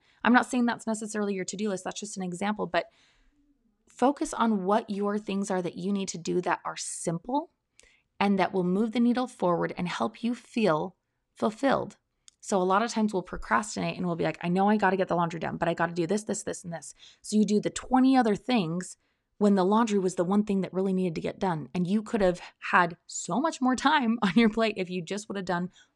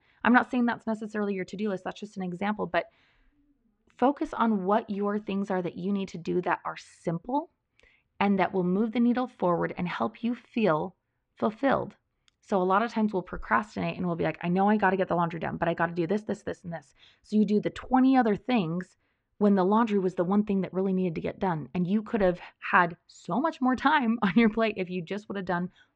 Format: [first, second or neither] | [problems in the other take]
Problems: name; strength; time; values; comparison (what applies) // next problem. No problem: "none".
first | muffled; slightly; fading above 2.5 kHz